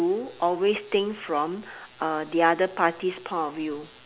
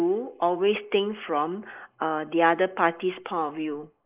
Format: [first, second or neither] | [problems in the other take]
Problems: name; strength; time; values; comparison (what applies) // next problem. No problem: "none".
first | noise reduction (neural mask model Resemble Enhance denoiser)